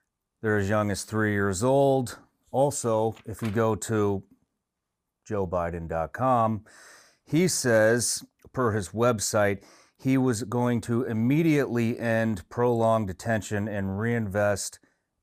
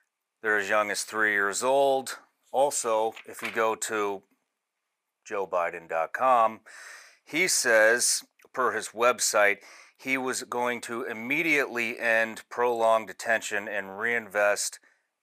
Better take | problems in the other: first | thin; very; fading below 550 Hz

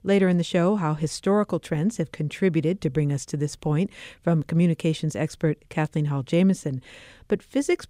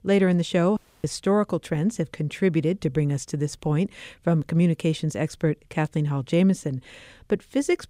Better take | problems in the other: first | audio cutting out; at 1 s

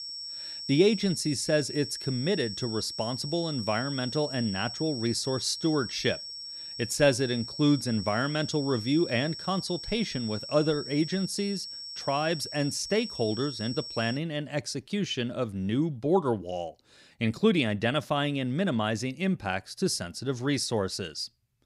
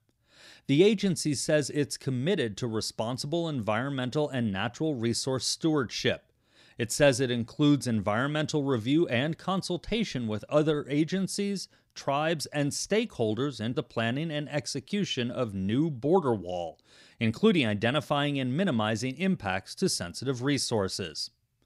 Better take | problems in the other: second | high-pitched whine; loud; until 14 s; 5.5 kHz, 8 dB below the speech

